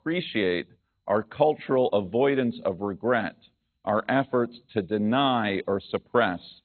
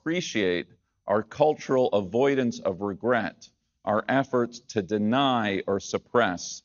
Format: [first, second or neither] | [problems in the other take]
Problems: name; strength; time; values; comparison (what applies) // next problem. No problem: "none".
second | garbled, watery; badly; nothing above 4 kHz; slightly in the second